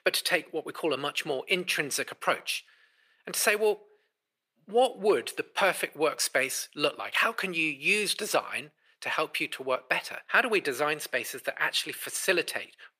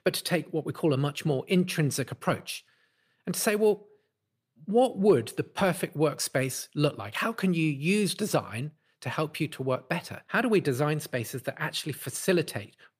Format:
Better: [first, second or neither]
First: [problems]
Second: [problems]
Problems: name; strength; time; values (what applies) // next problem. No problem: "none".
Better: second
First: thin; very; fading below 500 Hz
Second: none